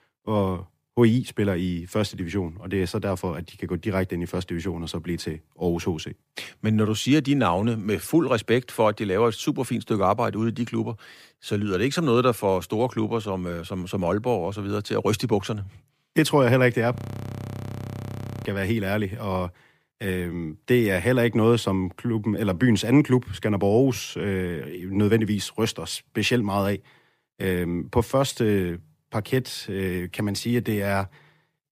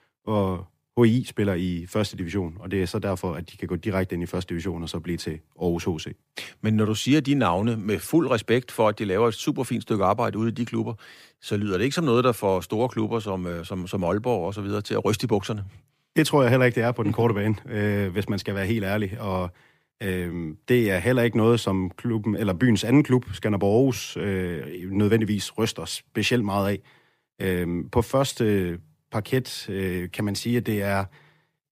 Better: second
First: audio freezing; at 17 s for 1.5 s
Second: none

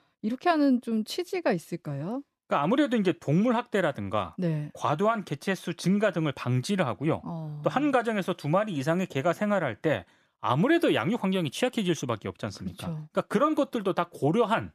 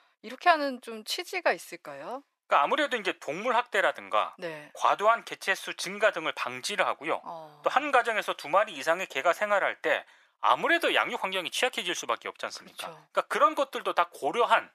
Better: first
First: none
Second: thin; very; fading below 800 Hz

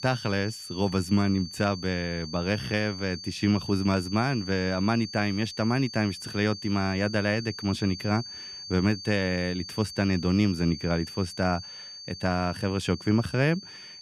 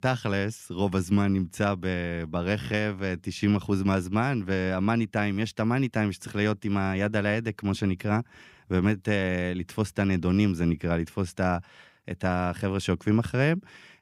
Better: second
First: high-pitched whine; noticeable; throughout; 4.5 kHz, 10 dB below the speech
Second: none

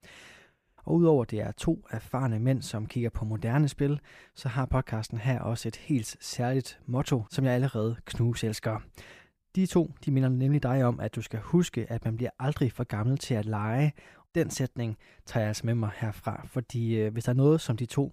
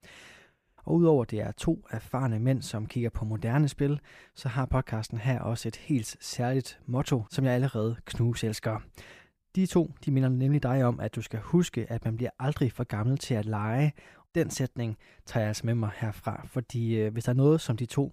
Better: neither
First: none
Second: none

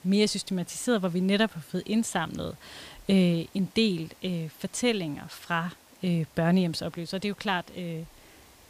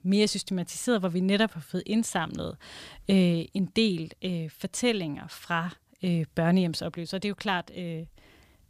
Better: second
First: hiss; faint; throughout; 25 dB below the speech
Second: none

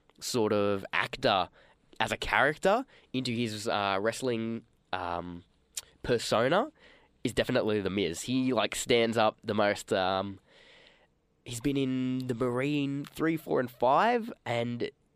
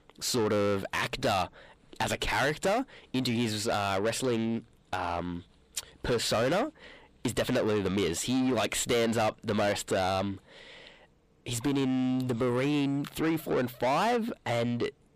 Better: first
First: none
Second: distortion; heavy; 7 dB below the speech

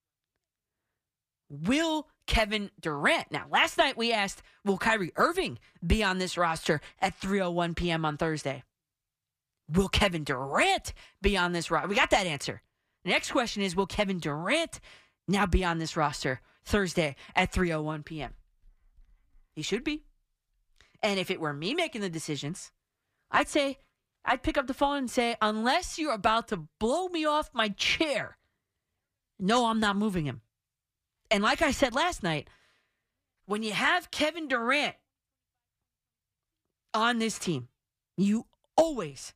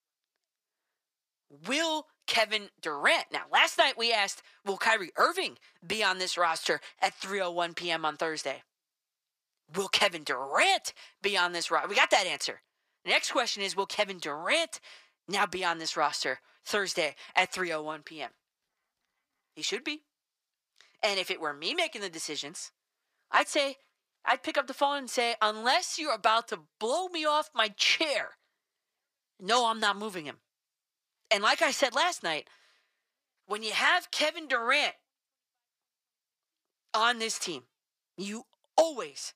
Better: first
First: none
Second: thin; somewhat; fading below 450 Hz

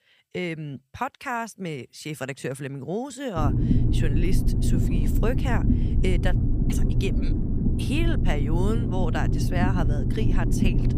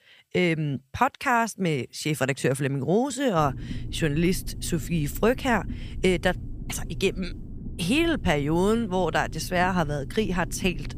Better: second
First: low rumble; loud; from 3.5 s on; 2 dB below the speech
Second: low rumble; faint; from 3.5 s on; 20 dB below the speech

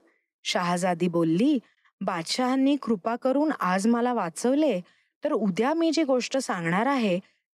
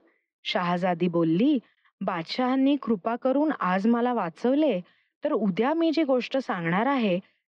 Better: first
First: none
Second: muffled; very slightly; fading above 3.5 kHz

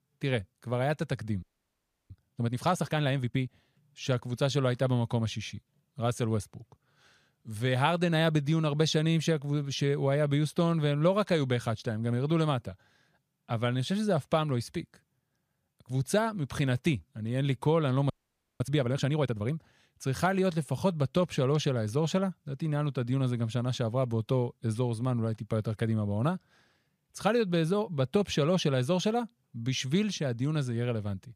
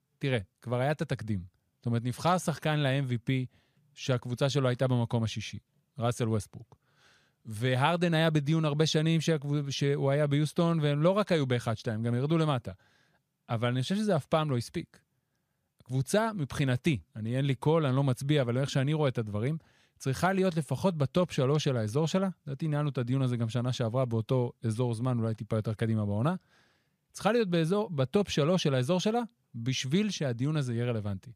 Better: second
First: audio freezing; at 1.5 s for 0.5 s and at 18 s for 0.5 s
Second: none

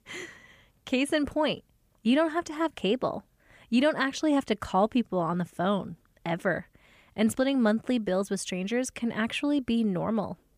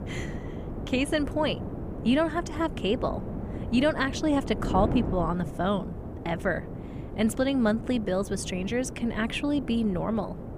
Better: first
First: none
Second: wind noise on the microphone; occasional gusts; 10 dB below the speech

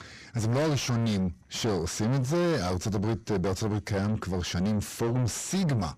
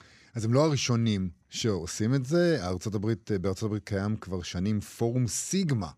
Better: second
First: distortion; heavy; 6 dB below the speech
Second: none

